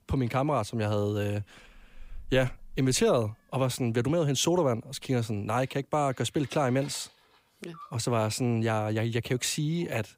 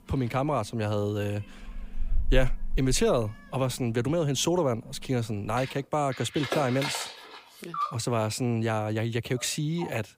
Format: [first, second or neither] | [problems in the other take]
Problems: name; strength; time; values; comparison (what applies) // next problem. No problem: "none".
first | animal sounds; loud; throughout; 8 dB below the speech; faint in the first